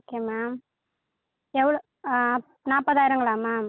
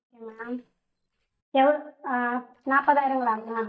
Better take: first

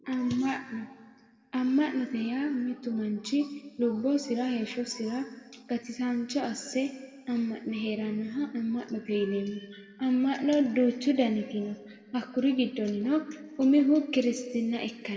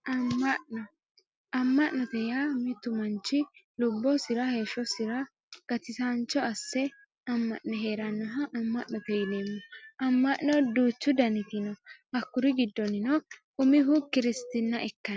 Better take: second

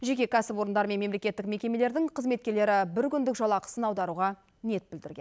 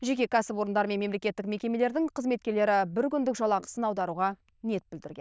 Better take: first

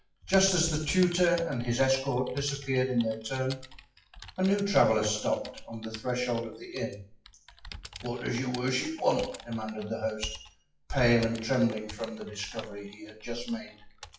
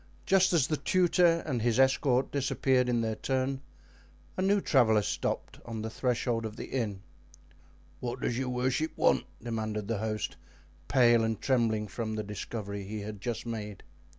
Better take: second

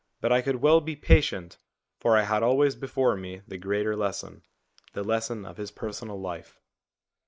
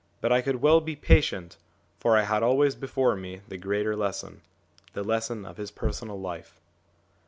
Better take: second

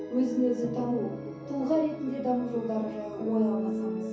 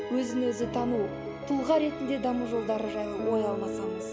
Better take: second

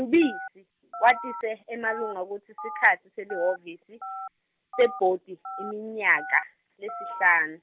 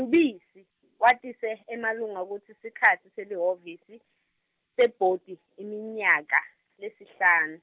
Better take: second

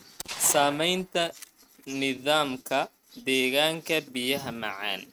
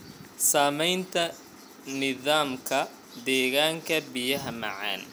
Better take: second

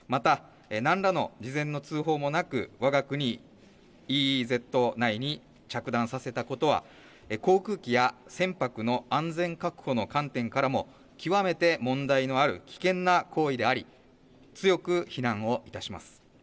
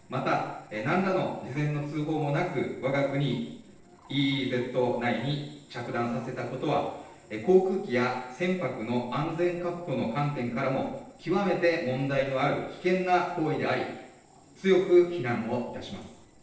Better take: first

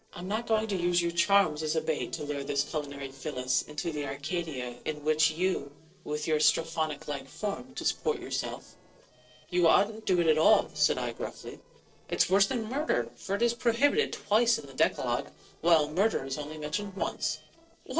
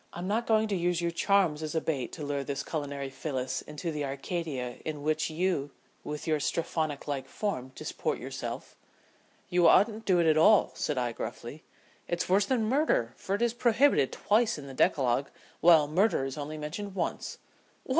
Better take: second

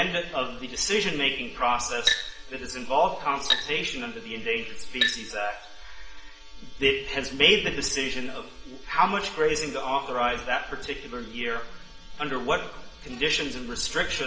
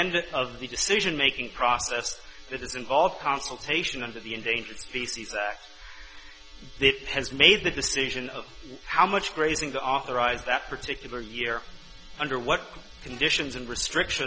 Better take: second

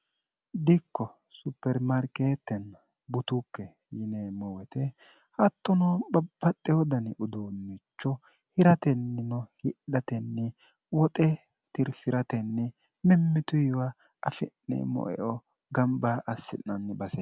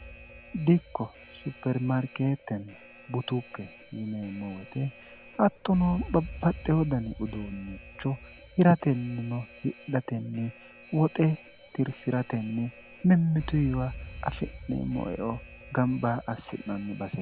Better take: first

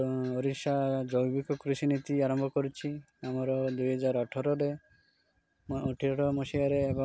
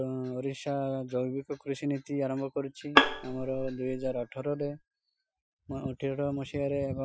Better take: first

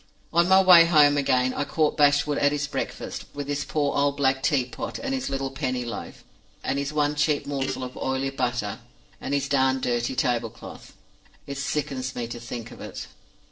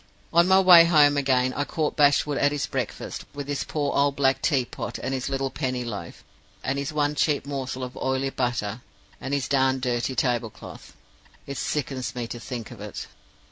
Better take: second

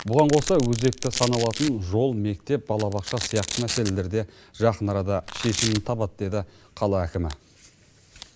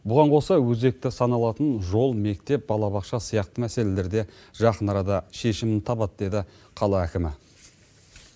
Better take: second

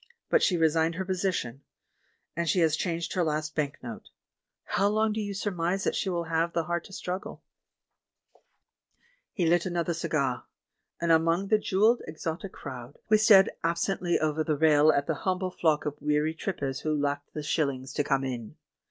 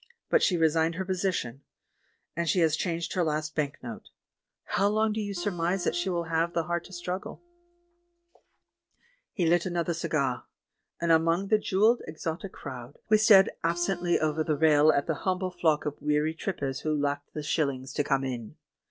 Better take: first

